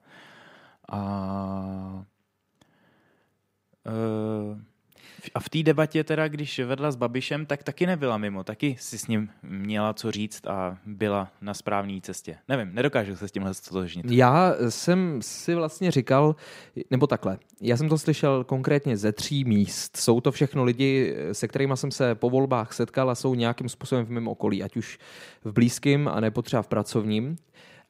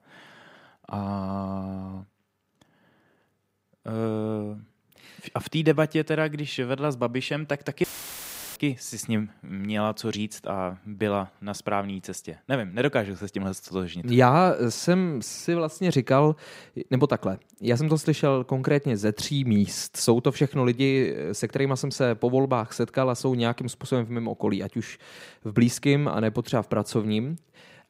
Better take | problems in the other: first | audio cutting out; filled with static; at 8 s for 0.5 s

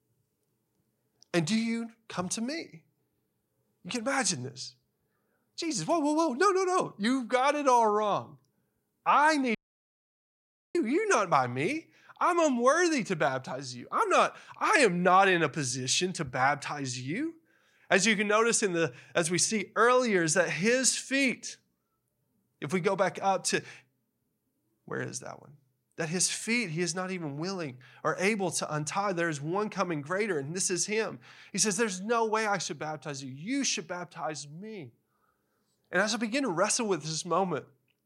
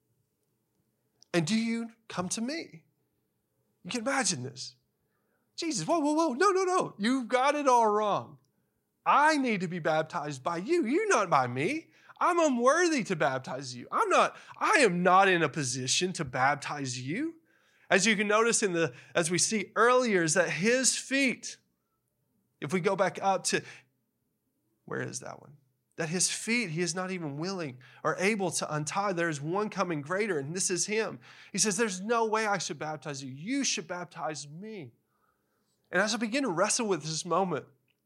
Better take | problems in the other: second | audio cutting out; at 9.5 s for 1 s

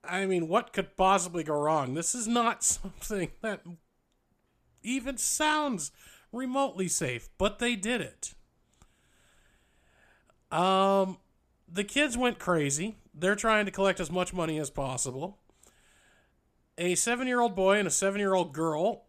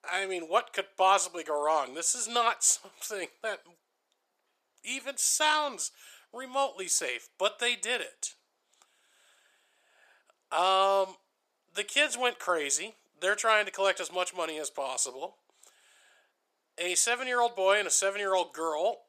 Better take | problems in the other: first | thin; very; fading below 450 Hz

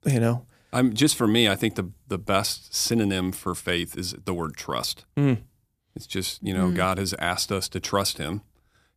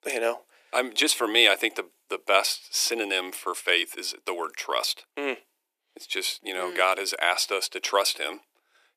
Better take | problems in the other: first | thin; very; fading below 350 Hz

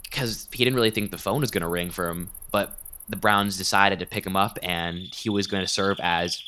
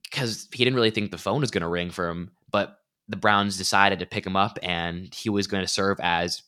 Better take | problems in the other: second | animal sounds; noticeable; throughout; 15 dB below the speech

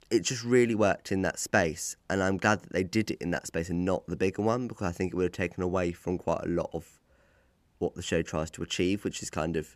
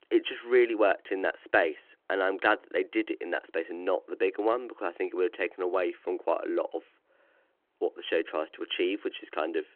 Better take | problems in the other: first | phone-call audio

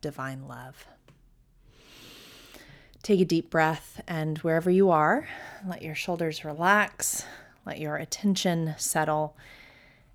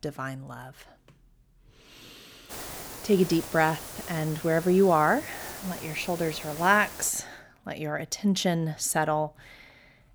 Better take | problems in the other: first | hiss; noticeable; from 2.5 to 7 s; 15 dB below the speech

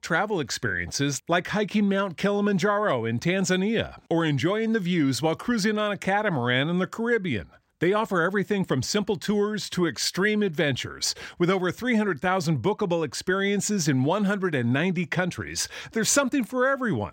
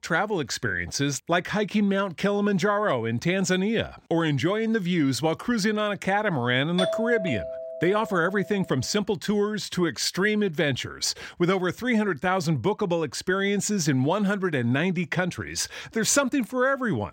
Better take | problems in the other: first | doorbell; noticeable; from 7 to 8.5 s; peak 2 dB below the speech

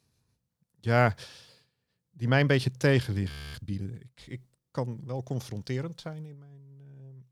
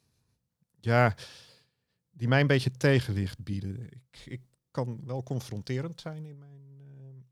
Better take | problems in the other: second | audio freezing; at 3.5 s

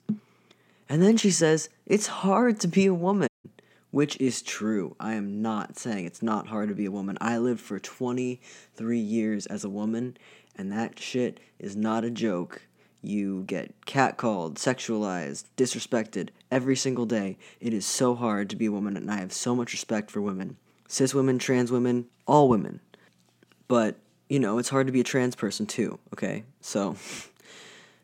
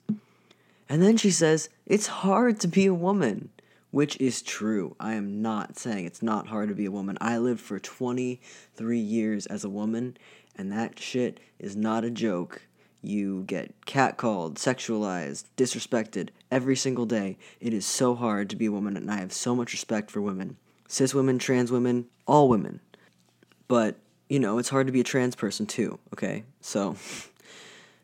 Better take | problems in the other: second | audio cutting out; at 3.5 s

